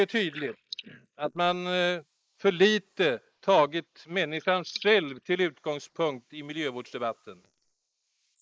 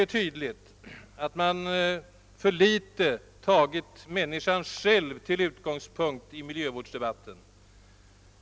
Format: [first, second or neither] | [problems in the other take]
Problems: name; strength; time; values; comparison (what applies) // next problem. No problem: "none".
second | noise reduction (neural mask model Resemble Enhance denoiser)